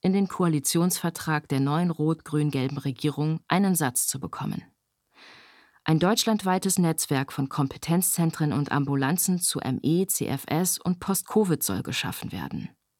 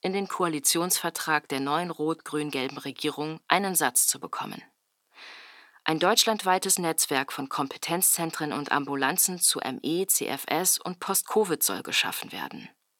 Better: first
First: none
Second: thin; somewhat; fading below 400 Hz

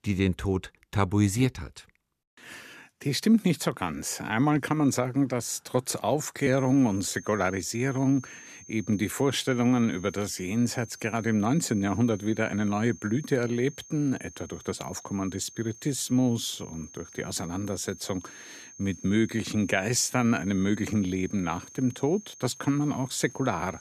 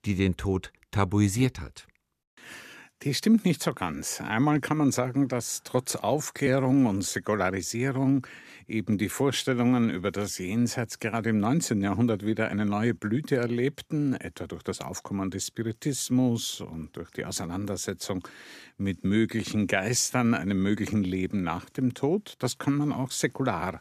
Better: second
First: high-pitched whine; noticeable; from 6.5 s on; 6.5 kHz, 20 dB below the speech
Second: none

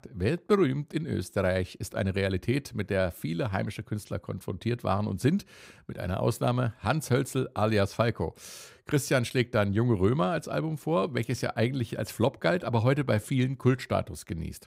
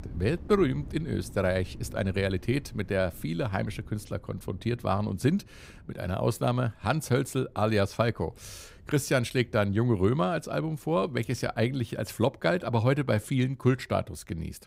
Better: first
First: none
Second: rain or running water; noticeable; throughout; 20 dB below the speech

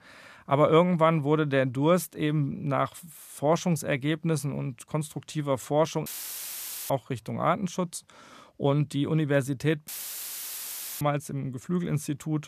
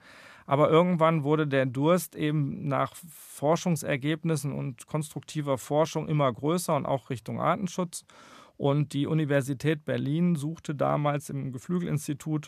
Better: second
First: audio cutting out; filled with static; at 6 s for 1 s and at 10 s for 1 s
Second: none

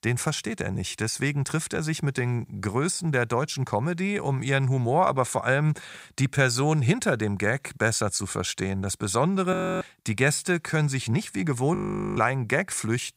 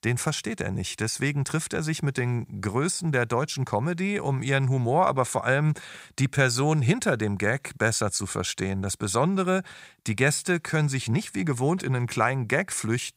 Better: second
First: audio freezing; at 9.5 s and at 12 s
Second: none

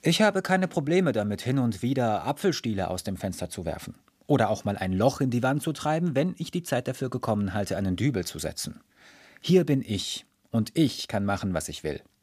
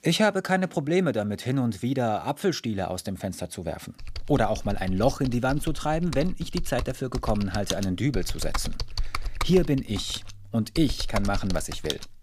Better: first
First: none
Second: keyboard typing; noticeable; from 4 s on; peak 5 dB below the speech

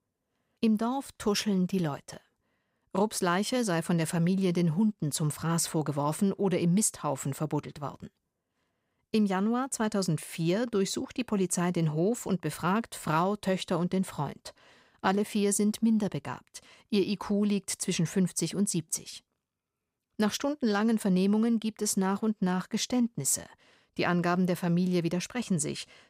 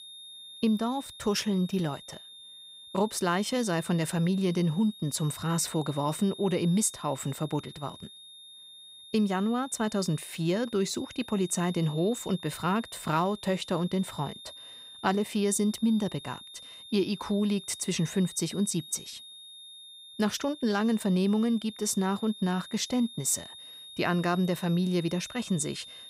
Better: first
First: none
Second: high-pitched whine; noticeable; throughout; 3.5 kHz, 15 dB below the speech

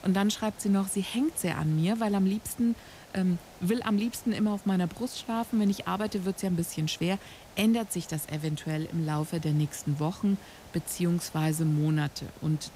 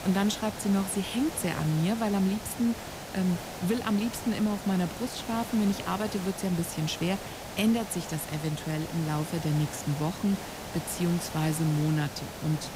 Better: first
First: hiss; faint; throughout; 20 dB below the speech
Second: hiss; loud; throughout; 9 dB below the speech

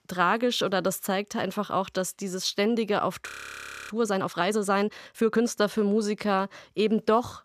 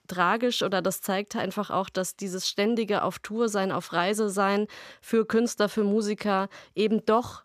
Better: second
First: audio freezing; at 3.5 s for 0.5 s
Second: none

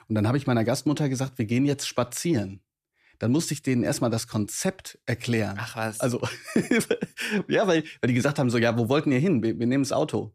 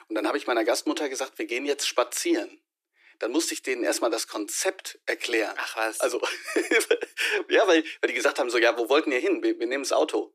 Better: first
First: none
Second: thin; very; fading below 300 Hz

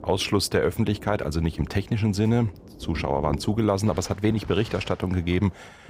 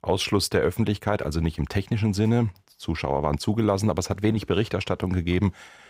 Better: second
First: rain or running water; noticeable; throughout; 15 dB below the speech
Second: none

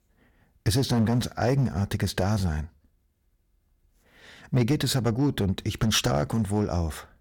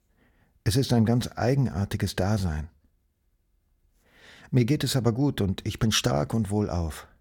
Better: second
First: distortion; slight; 4% of the sound clipped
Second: none

